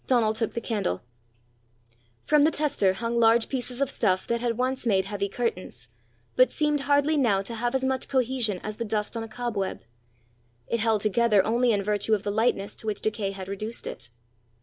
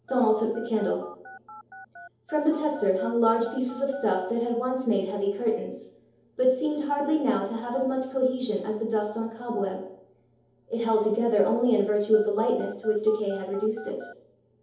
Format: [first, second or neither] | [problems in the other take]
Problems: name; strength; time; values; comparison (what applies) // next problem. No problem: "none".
first | background sound (Telephone); 19 dB below the speech // room echo; dies away in 0.8 s